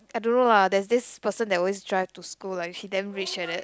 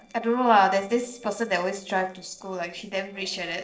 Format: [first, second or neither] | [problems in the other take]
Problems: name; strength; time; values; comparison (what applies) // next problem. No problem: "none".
first | noise reduction (neural separator model SepFormer DNS4)